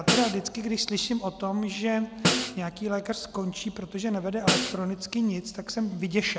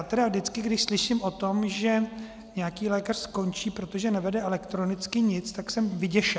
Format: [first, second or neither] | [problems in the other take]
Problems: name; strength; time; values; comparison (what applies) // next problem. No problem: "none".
second | background sound (Snare drum); 2 dB below the speech